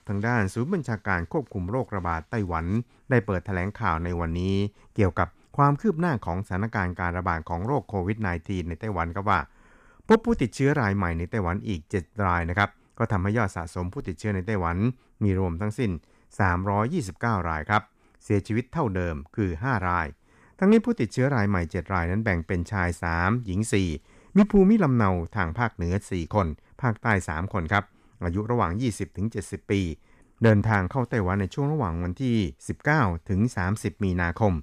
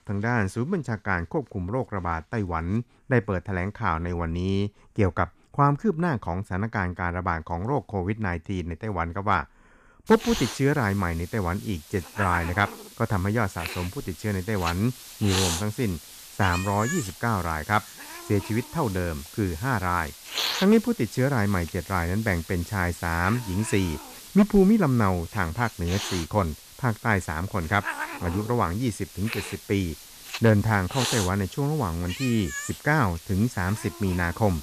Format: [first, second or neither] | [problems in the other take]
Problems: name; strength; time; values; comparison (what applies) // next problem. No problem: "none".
first | hiss; loud; from 10 s on; 9 dB below the speech